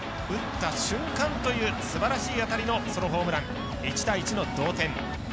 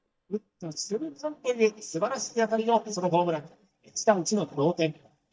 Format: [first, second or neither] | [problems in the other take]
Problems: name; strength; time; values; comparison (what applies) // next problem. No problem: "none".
first | noise reduction (neural mask model DeepFilterNet 3)